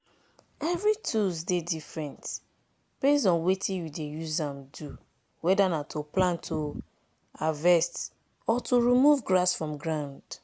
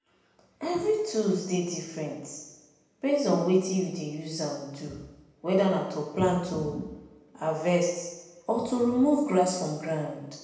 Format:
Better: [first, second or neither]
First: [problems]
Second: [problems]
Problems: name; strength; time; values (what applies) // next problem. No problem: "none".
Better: first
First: none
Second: room echo; dies away in 0.9 s